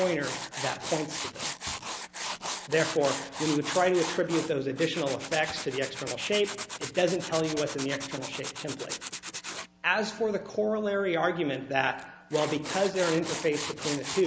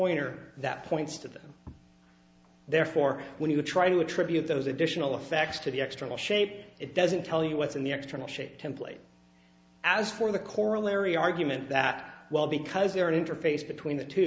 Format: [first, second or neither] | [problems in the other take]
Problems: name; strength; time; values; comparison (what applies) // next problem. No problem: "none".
second | background sound (Tools); 8 dB below the speech